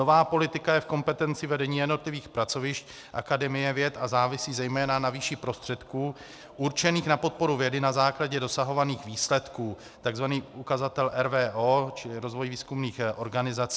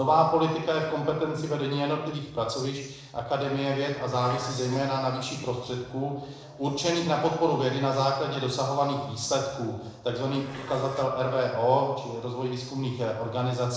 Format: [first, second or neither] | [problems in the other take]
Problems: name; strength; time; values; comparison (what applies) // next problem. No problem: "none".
first | noise reduction (neural separator model SepFormer DNS4)